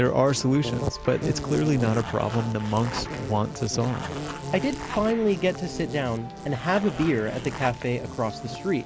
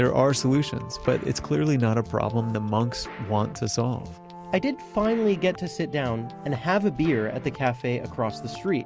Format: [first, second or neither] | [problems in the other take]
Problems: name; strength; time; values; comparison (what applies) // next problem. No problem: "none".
second | background sound (Insect + Zipper (clothing)); 10 dB below the speech